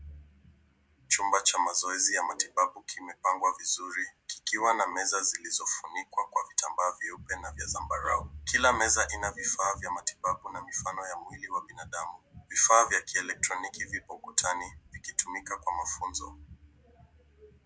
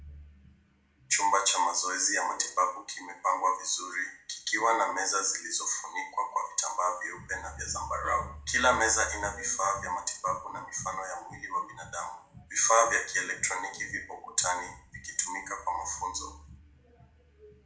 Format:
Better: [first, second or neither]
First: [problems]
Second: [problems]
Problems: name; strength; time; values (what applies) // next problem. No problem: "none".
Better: first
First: none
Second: room echo; dies away in 0.4 s